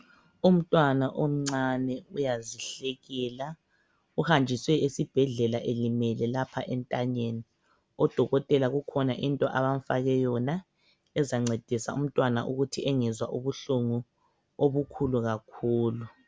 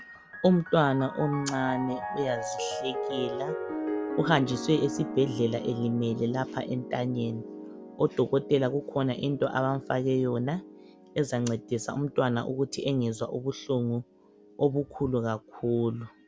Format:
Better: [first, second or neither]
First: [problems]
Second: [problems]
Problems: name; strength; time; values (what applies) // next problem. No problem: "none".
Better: first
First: none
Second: background sound (Piano); 10 dB below the speech